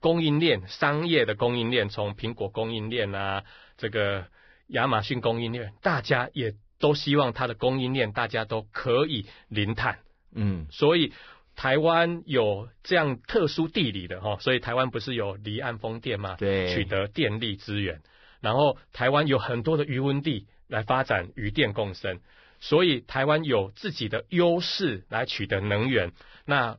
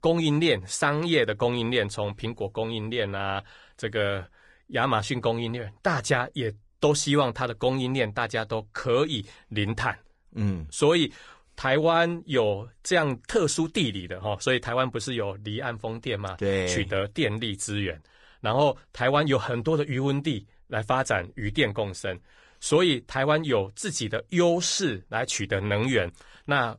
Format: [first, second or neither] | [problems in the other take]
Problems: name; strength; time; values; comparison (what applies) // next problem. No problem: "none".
second | garbled, watery; badly; nothing above 5.5 kHz; slightly in the second